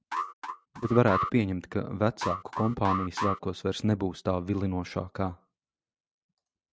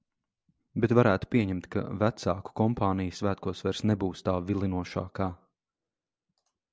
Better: second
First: noise reduction (neural mask model RNNoise)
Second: none

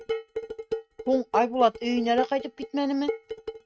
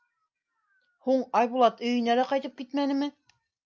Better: second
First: noise reduction (neural mask model RNNoise)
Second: none

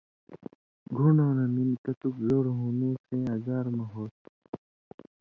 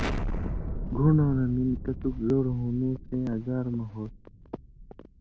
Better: first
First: none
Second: background sound (Explosion); 6 dB below the speech

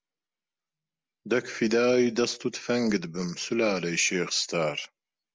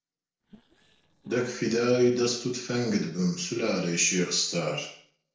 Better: first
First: none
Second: noise reduction (neural separator model SepFormer DNS4)

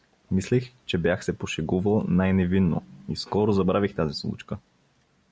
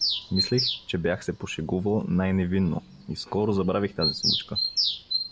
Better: first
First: none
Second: background sound (Bird vocalization, bird call, bird song); 4 dB below the speech

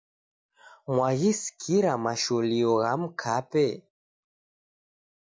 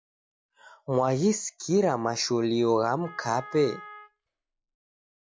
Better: first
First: none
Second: background sound (Wind instrument, woodwind instrument); 18 dB below the speech

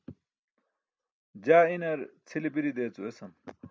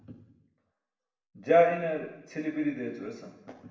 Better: first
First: none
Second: room echo; dies away in 0.8 s

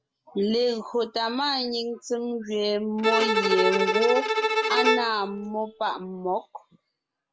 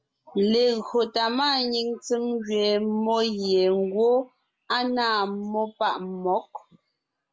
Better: second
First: background sound (Bowed string instrument); 2 dB above the speech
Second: none

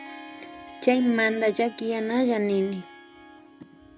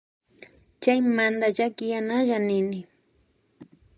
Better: second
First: background sound (Harp); 18 dB below the speech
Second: none

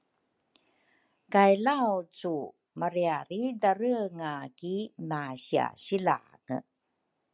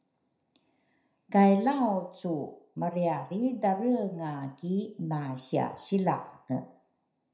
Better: first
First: none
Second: room echo; dies away in 0.5 s

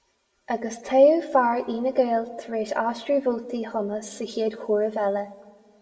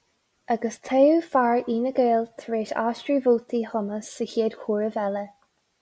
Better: second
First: room echo; dies away in 1.1 s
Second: none

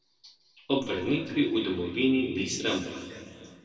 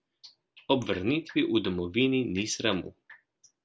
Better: second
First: room echo; dies away in 2.2 s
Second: none

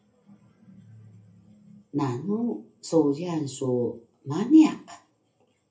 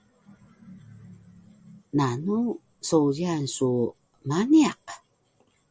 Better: second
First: room echo; dies away in 0.3 s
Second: none

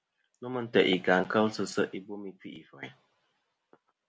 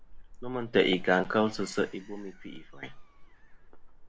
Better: first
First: none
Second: background sound (Gull, seagull / Fowl); 13 dB below the speech

